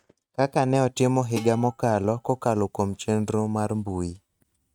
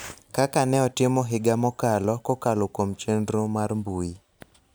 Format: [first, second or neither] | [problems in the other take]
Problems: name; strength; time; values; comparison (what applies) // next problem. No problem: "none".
second | noise reduction (neural mask model RNNoise)